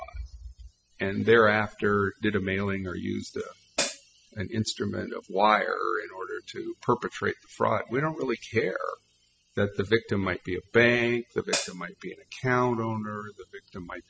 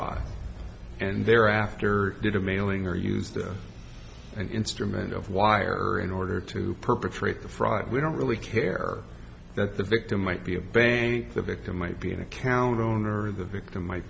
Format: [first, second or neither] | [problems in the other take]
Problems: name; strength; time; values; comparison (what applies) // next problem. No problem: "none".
second | noise reduction (classical method spectral subtraction)